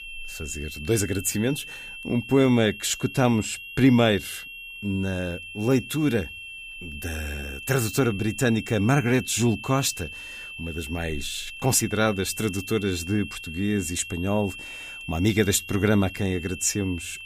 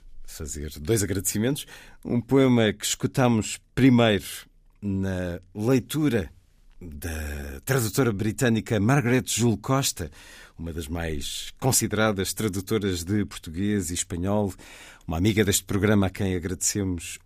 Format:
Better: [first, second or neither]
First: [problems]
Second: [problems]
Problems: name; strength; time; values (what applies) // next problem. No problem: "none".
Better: second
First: high-pitched whine; noticeable; throughout; 2.5 kHz, 10 dB below the speech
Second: none